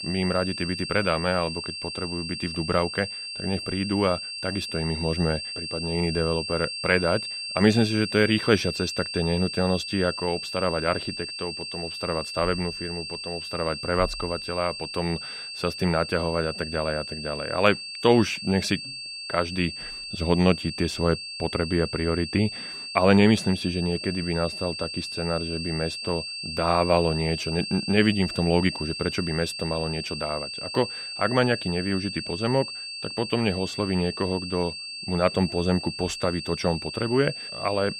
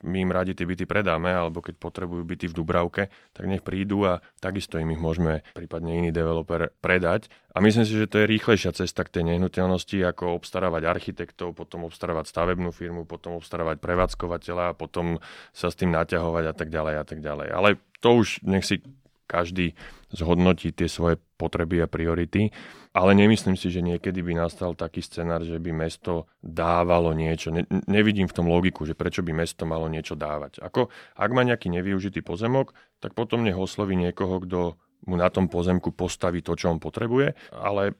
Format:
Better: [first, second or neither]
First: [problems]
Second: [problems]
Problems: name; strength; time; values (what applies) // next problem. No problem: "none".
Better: second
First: high-pitched whine; loud; throughout; 4.5 kHz, 6 dB below the speech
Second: none